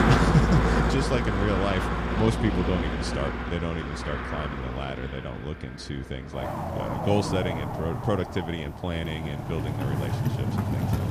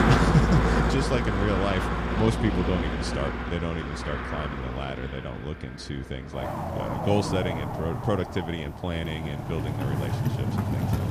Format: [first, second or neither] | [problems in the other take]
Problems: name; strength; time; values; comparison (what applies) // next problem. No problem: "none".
neither | traffic noise; very loud; throughout; 1 dB above the speech; the same in both